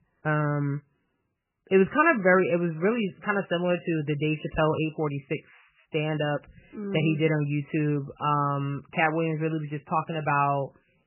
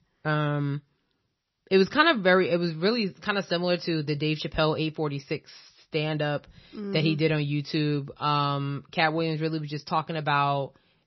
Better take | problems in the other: second | garbled, watery; badly; nothing above 3 kHz; slightly in the second

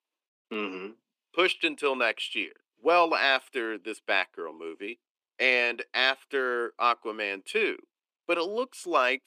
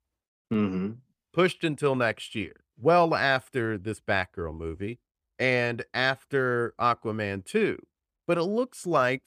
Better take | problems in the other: second | thin; somewhat; fading below 300 Hz

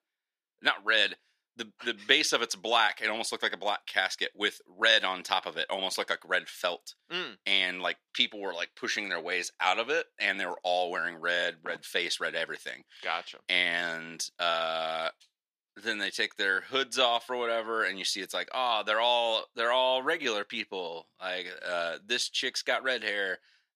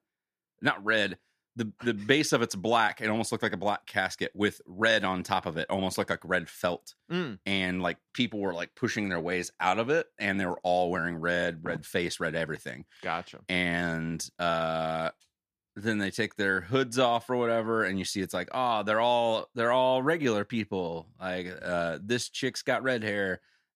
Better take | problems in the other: second | thin; somewhat; fading below 450 Hz

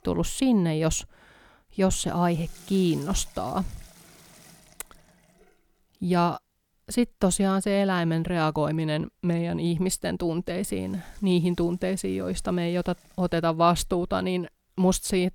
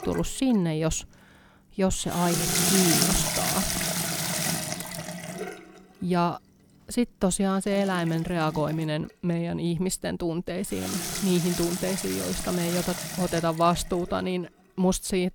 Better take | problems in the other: first | household noises; loud; throughout; as loud as the speech; faint in the first

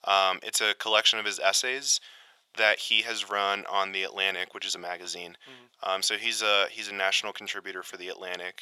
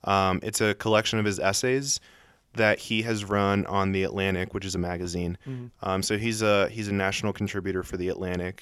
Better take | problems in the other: second | thin; very; fading below 750 Hz

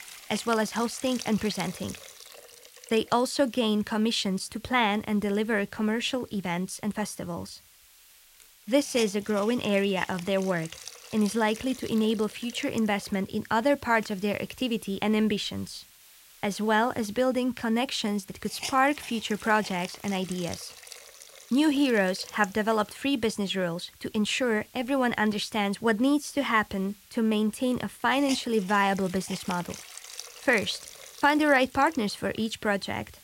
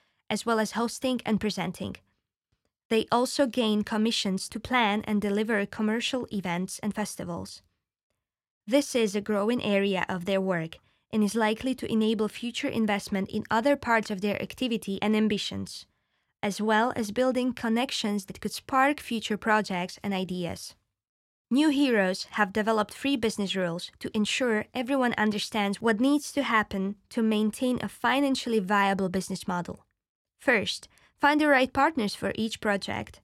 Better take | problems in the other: second | hiss; noticeable; throughout; 15 dB below the speech

